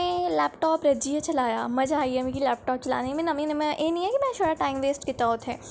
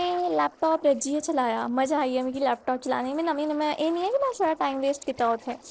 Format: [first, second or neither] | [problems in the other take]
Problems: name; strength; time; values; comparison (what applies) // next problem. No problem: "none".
first | noise reduction (neural separator model SepFormer DNS4)